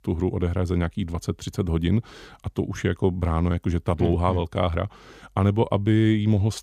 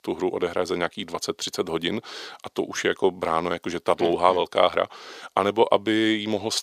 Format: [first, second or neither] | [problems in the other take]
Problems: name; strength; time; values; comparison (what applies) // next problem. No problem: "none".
first | thin; very; fading below 500 Hz